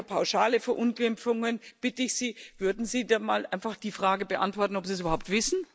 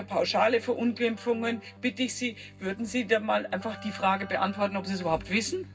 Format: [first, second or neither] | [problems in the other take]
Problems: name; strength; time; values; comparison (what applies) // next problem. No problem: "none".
first | background sound (Keyboard (musical)); 17 dB below the speech // room echo; dies away in 0.4 s